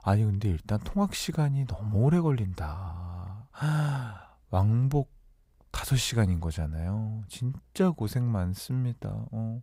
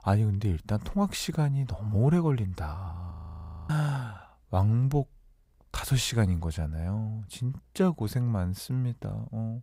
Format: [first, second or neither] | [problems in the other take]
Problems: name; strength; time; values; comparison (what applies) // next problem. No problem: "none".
first | audio freezing; at 3 s for 0.5 s